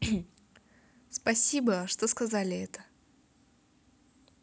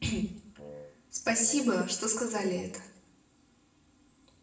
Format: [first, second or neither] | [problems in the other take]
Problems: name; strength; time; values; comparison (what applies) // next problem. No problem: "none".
first | background sound (Wind instrument, woodwind instrument); 16 dB below the speech // room echo; dies away in 0.7 s